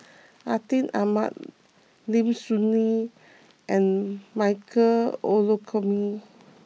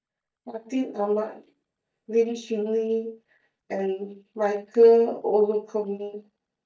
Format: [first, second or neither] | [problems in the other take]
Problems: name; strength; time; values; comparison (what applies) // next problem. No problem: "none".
first | noise reduction (neural mask model DeepFilterNet 3)